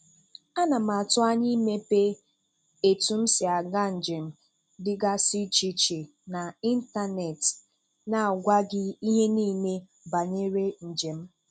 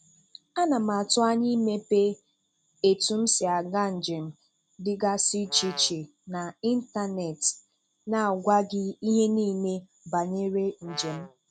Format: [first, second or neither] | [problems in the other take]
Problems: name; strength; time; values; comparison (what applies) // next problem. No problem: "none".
first | background sound (Brass instrument); 16 dB below the speech